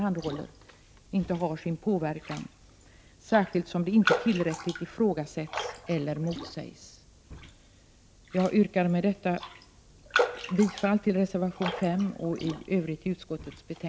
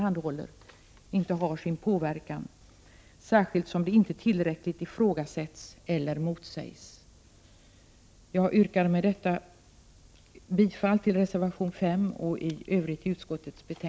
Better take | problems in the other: second | background sound (Raindrop); 8 dB below the speech

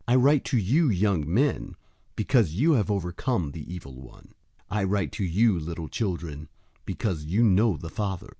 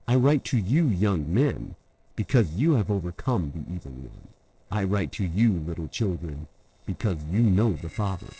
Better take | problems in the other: first | noise reduction (neural separator model SepFormer DNS4)

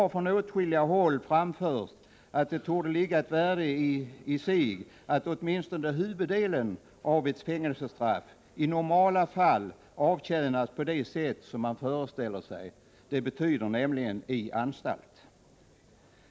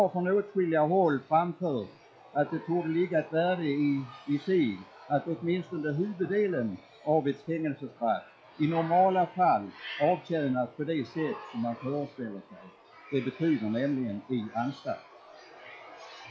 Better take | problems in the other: first | noise reduction (classical method log-MMSE)

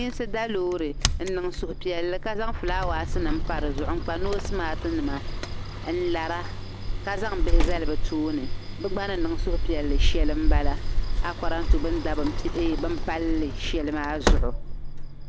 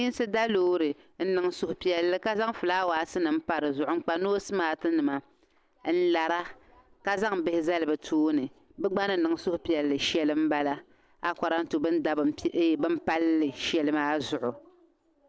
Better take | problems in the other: second | background sound (Sliding door); 5 dB above the speech

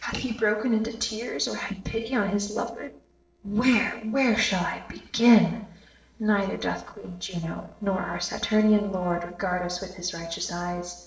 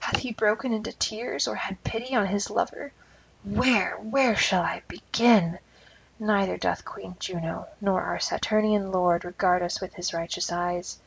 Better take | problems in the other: second | noise reduction (neural separator model SepFormer DNS4)

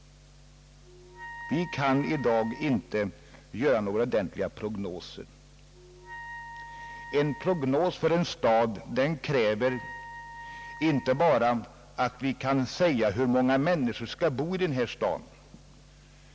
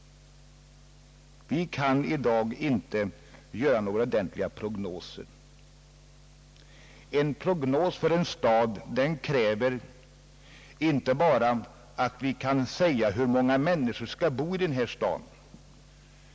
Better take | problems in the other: second | background sound (Wind instrument, woodwind instrument); 16 dB below the speech

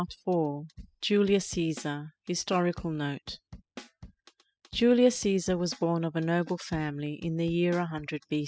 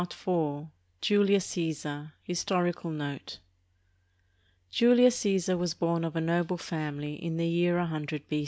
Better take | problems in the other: second | noise reduction (classical method spectral subtraction)

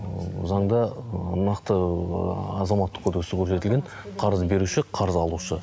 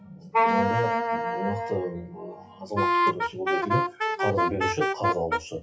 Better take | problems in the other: first | noise reduction (classical method WPE with log-MMSE)

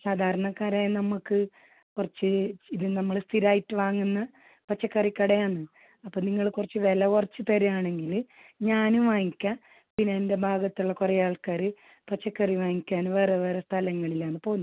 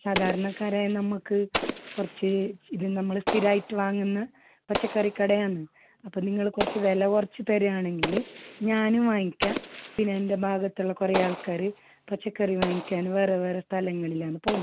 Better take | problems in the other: first | background sound (Explosion); 9 dB below the speech

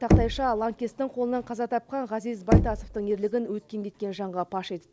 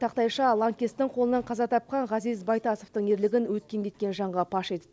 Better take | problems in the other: second | background sound (Knock); 1 dB above the speech

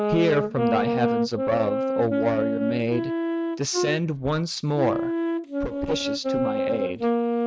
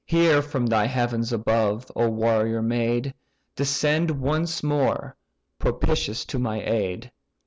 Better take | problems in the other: second | noise reduction (neural mask model RNNoise)

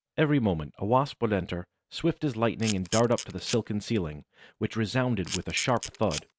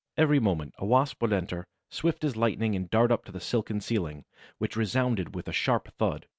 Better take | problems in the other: second | background sound (Camera); 10 dB below the speech

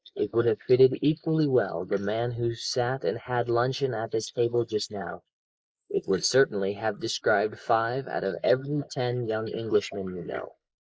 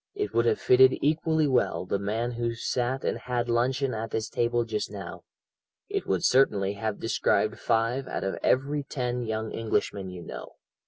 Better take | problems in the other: second | noise reduction (neural mask model Resemble Enhance denoiser)

